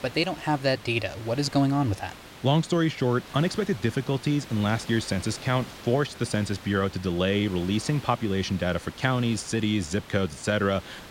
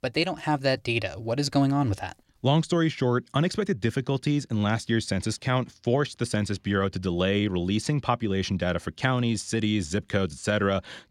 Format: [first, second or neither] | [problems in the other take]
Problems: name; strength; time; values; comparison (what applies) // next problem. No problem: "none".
second | hiss; noticeable; throughout; 15 dB below the speech